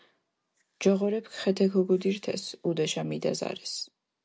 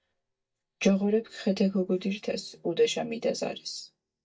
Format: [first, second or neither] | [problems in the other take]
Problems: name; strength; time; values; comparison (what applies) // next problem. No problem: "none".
first | noise reduction (neural mask model DeepFilterNet 3)